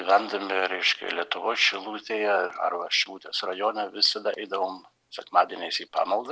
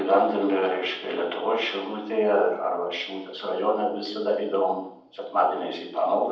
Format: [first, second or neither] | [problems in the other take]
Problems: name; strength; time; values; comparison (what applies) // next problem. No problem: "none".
first | room echo; dies away in 0.8 s